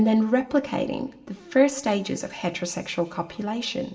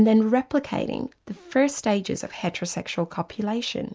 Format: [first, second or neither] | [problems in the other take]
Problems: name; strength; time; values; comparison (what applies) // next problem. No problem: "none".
second | room echo; dies away in 0.9 s